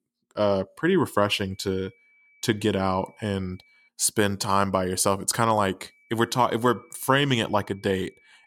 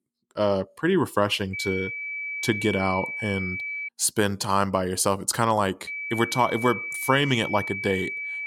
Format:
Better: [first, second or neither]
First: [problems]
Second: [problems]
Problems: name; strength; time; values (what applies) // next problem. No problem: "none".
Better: first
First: high-pitched whine; faint; from 1.5 to 4 s and from 6 s on; 2.5 kHz, 35 dB below the speech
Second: high-pitched whine; loud; from 1.5 to 4 s and from 6 s on; 2.5 kHz, 5 dB below the speech